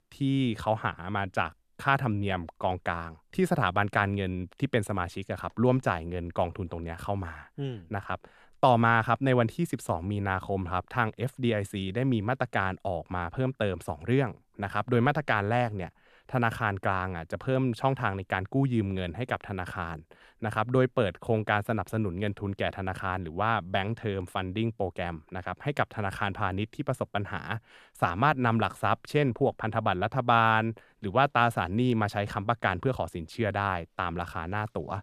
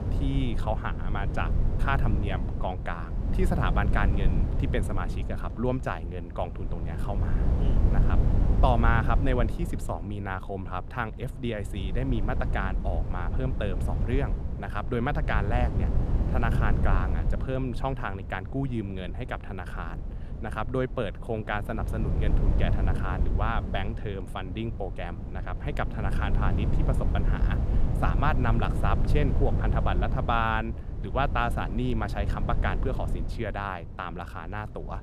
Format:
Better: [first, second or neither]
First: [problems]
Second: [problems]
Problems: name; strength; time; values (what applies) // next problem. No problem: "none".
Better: first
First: none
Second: wind noise on the microphone; heavy; 9 dB below the speech